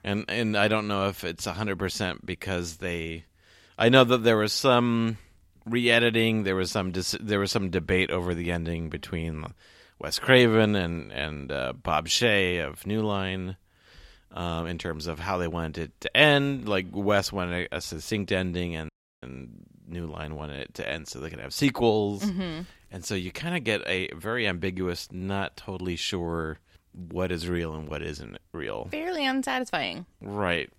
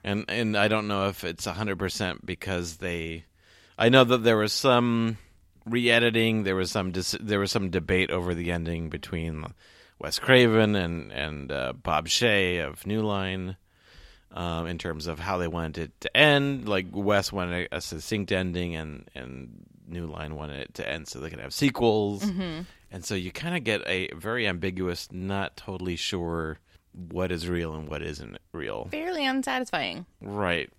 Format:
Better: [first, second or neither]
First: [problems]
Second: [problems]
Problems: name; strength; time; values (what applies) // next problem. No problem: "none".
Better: second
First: audio cutting out; at 19 s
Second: none